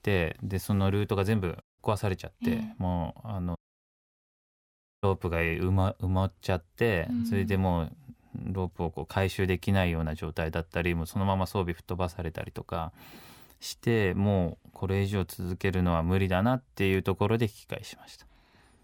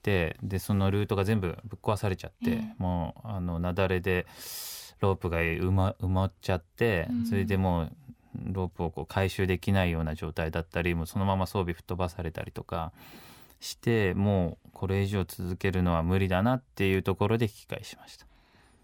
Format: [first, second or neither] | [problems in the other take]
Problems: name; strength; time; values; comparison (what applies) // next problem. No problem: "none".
second | audio cutting out; at 1.5 s and at 3.5 s for 1.5 s